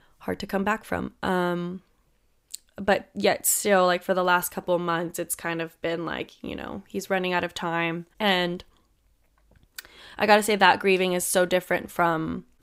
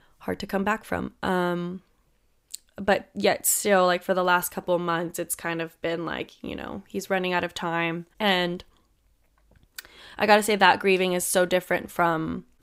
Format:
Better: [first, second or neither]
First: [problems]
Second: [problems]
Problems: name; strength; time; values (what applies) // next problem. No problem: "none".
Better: neither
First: none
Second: none